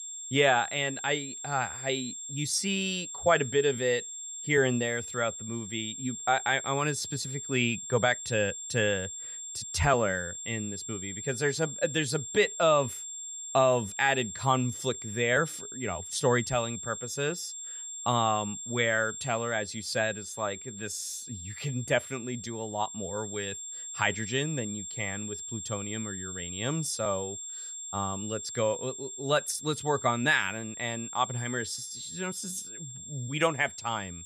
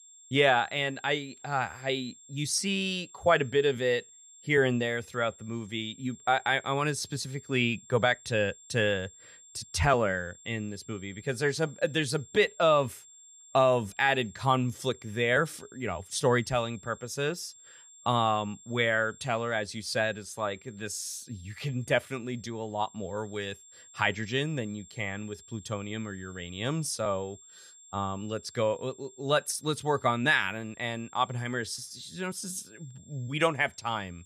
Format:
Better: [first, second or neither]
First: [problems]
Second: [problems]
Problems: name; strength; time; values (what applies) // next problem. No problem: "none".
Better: second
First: high-pitched whine; loud; throughout; 7.5 kHz, 8 dB below the speech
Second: high-pitched whine; faint; throughout; 7.5 kHz, 20 dB below the speech